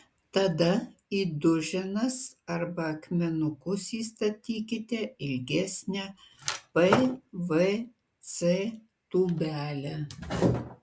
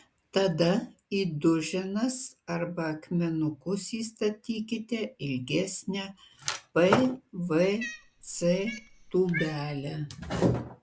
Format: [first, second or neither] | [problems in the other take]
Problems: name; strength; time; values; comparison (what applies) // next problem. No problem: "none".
first | background sound (Cat); 13 dB below the speech